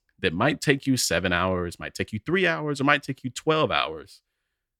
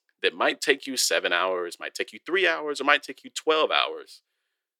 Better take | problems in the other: first | thin; somewhat; fading below 400 Hz

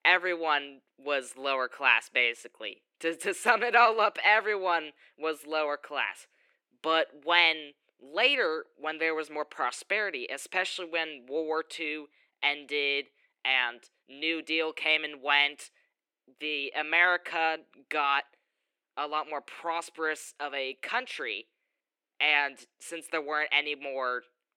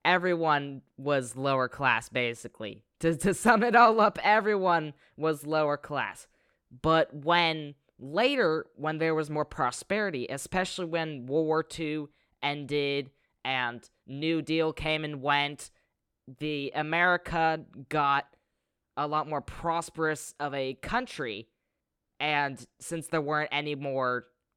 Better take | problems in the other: second | thin; somewhat; fading below 350 Hz

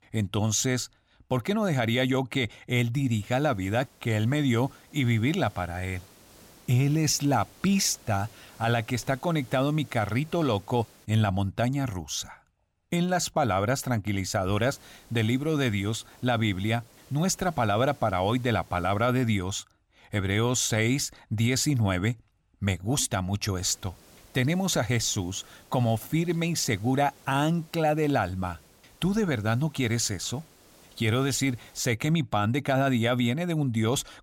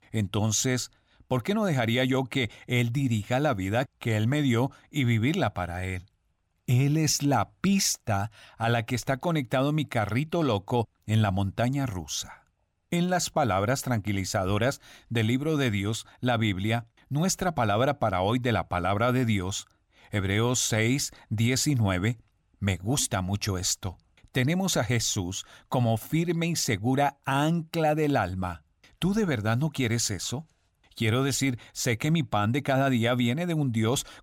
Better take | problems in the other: second | hiss; faint; from 3 to 11 s, from 15 to 19 s and from 24 to 32 s; 25 dB below the speech

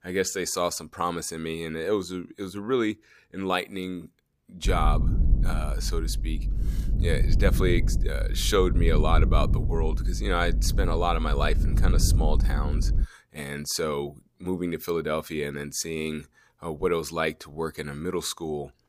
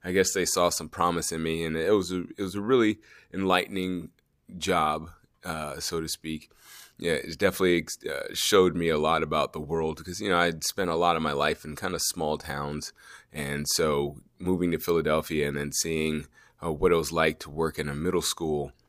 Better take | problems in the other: second | low rumble; noticeable; from 4.5 to 13 s; 10 dB below the speech

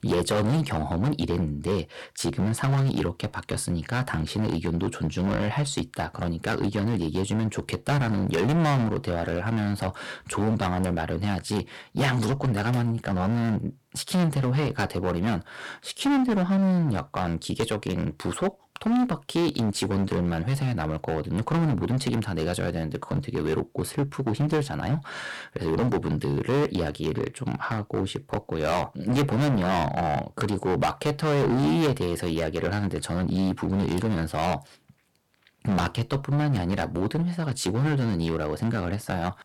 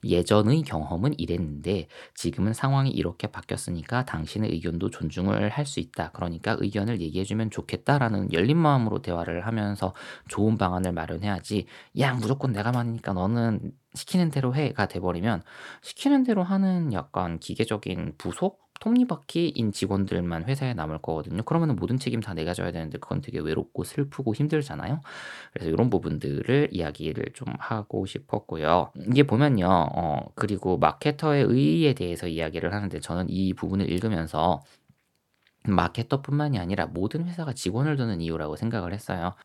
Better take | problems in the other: second | distortion; heavy; 13% of the sound clipped

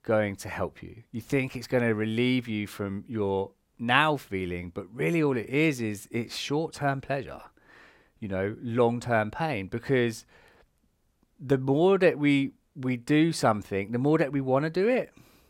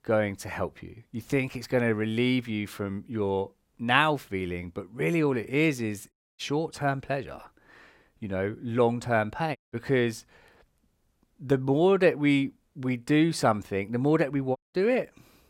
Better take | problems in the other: first | audio cutting out; at 6 s, at 9.5 s and at 15 s

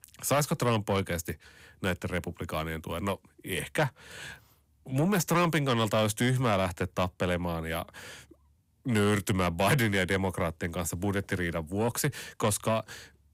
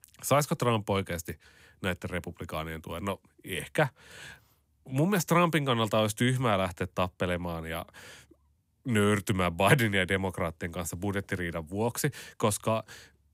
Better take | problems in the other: second | distortion; slight; 10 dB below the speech

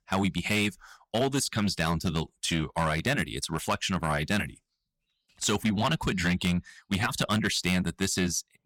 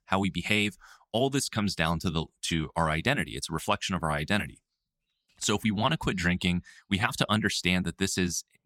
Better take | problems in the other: second | distortion; slight; 5% of the sound clipped

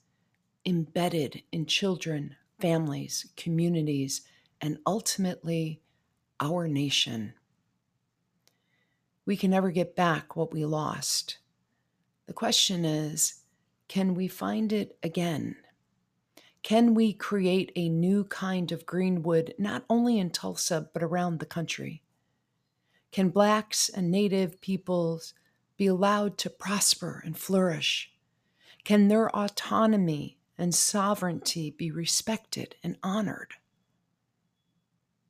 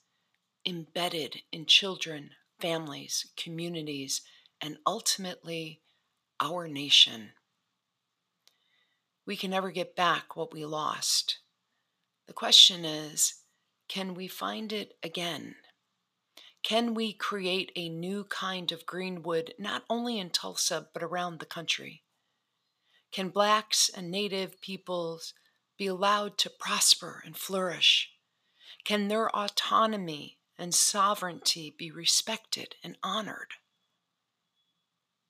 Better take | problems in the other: first | thin; somewhat; fading below 650 Hz

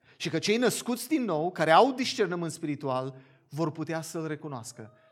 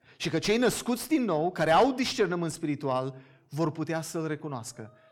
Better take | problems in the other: first | distortion; slight; 10 dB below the speech

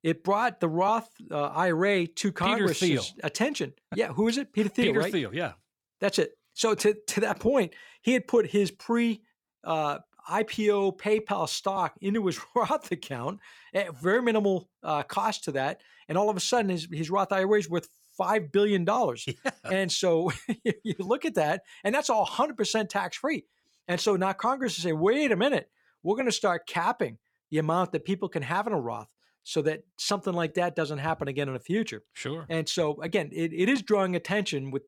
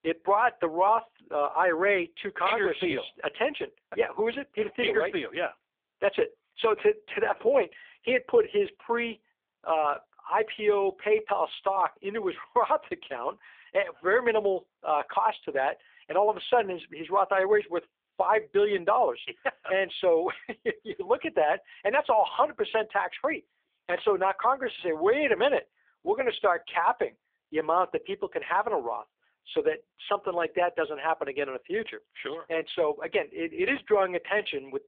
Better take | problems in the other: first | phone-call audio; poor line; nothing above 3.5 kHz

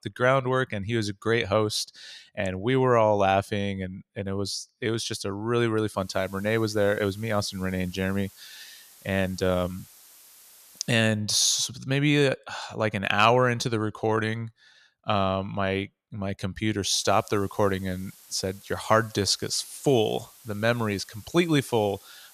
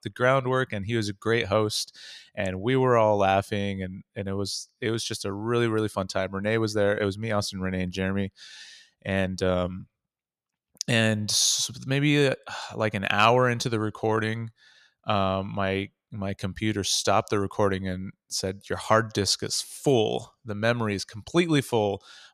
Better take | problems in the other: second | hiss; faint; from 6 to 11 s and from 17 s on; 25 dB below the speech

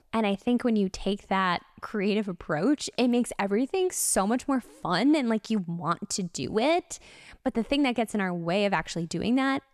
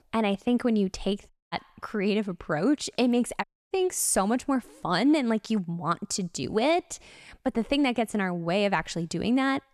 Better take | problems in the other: first | audio cutting out; at 1.5 s and at 3.5 s

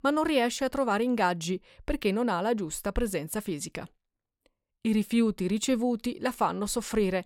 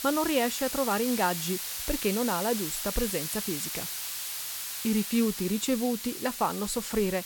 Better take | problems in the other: first | hiss; loud; throughout; 3 dB below the speech

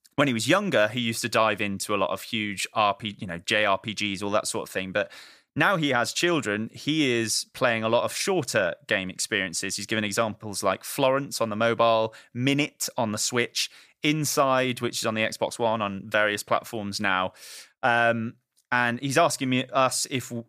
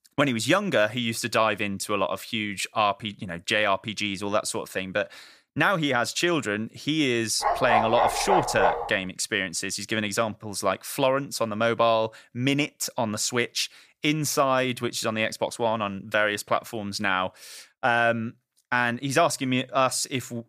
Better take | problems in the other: first | dog barking; loud; from 7.5 to 9 s; peak 2 dB above the speech

